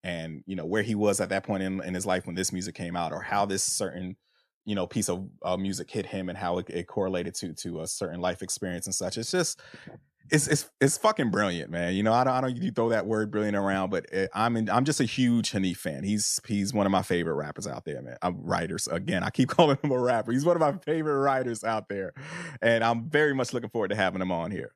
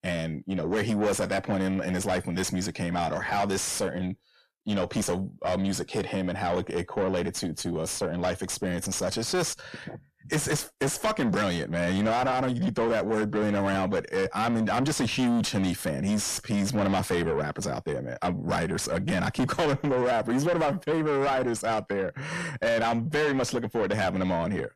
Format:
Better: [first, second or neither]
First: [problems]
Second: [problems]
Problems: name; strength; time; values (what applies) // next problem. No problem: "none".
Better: first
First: none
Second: distortion; heavy; 5 dB below the speech